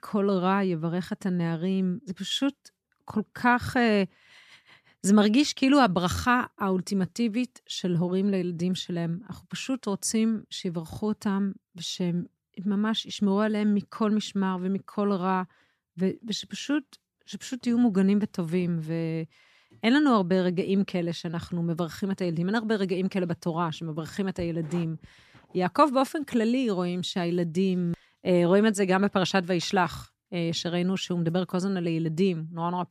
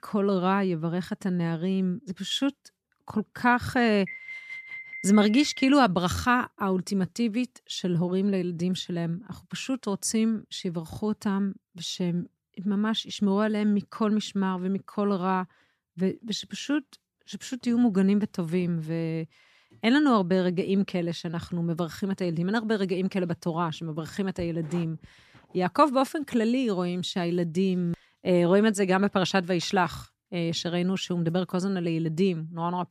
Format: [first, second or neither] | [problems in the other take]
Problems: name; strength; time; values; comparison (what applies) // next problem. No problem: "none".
first | alarm; faint; from 4 to 5.5 s; peak 10 dB below the speech